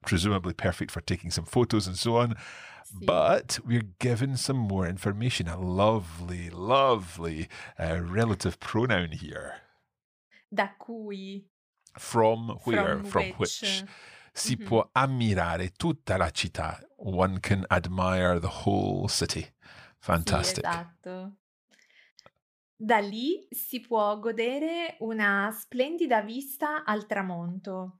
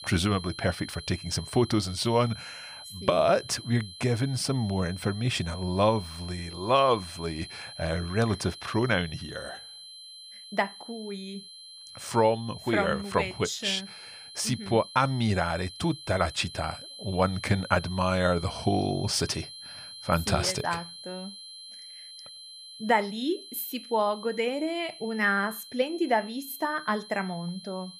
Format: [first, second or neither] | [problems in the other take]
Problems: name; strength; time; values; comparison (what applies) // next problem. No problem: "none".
first | high-pitched whine; noticeable; throughout; 4 kHz, 15 dB below the speech